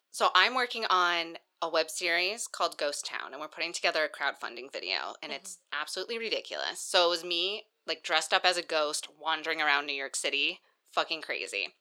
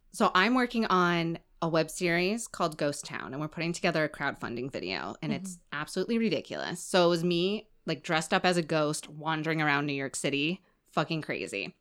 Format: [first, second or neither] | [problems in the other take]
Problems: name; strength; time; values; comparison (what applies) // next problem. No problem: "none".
second | thin; very; fading below 500 Hz